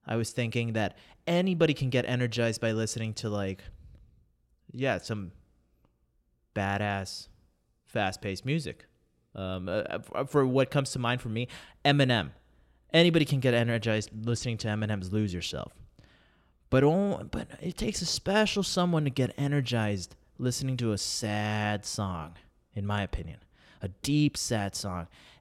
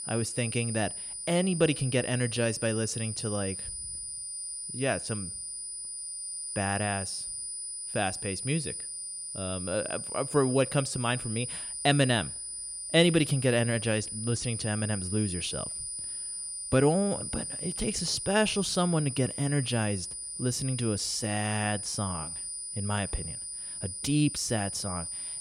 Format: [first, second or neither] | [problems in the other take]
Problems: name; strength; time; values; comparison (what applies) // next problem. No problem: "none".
first | high-pitched whine; loud; throughout; 9.5 kHz, 5 dB below the speech